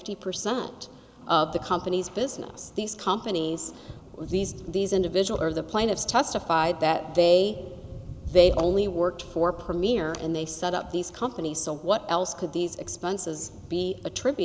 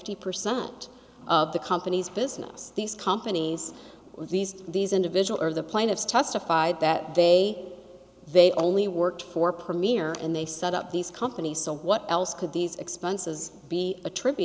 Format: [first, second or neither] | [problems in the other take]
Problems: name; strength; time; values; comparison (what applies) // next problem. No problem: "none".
second | background sound (Thunder); 16 dB below the speech